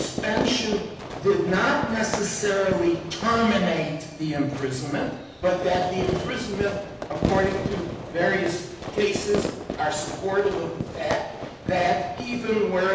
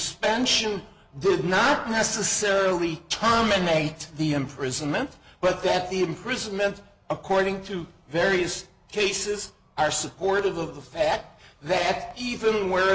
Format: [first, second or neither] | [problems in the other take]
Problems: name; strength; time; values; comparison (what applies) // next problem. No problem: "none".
second | background sound (Fireworks); 7 dB below the speech // room echo; dies away in 0.8 s